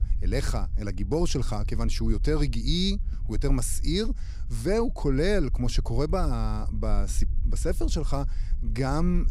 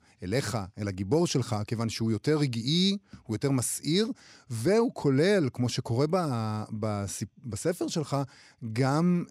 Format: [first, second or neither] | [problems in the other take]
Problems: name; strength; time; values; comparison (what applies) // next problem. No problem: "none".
second | low rumble; faint; throughout; 20 dB below the speech